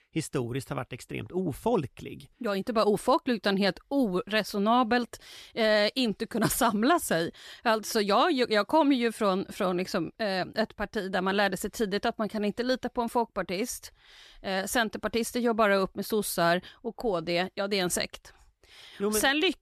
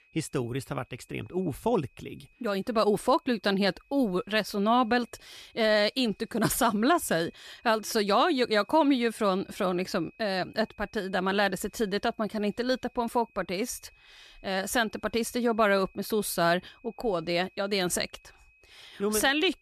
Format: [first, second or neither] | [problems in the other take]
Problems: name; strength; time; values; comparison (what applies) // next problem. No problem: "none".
first | high-pitched whine; faint; throughout; 2.5 kHz, 35 dB below the speech